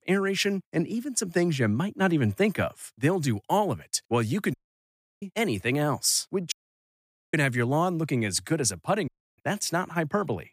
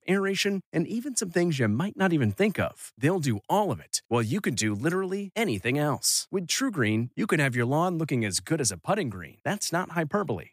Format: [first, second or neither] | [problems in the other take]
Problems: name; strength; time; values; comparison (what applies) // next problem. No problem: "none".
second | audio cutting out; at 4.5 s for 0.5 s, at 6.5 s for 1 s and at 9 s